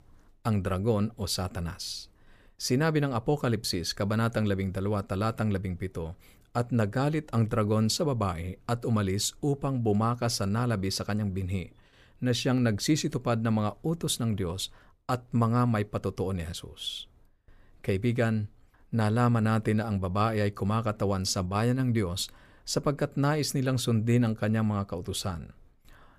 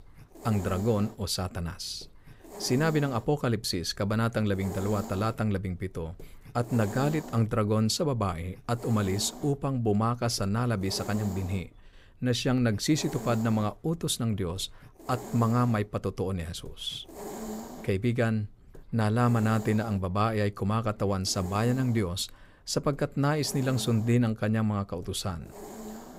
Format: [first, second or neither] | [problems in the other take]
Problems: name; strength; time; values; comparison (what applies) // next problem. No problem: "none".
first | hiss; noticeable; throughout; 15 dB below the speech